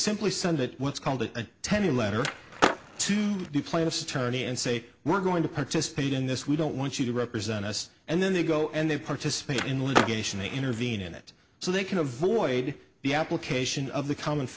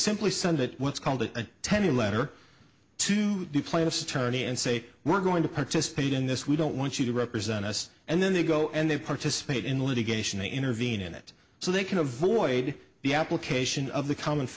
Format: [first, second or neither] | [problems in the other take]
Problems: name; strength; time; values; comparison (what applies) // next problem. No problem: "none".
second | background sound (Skateboard); 2 dB below the speech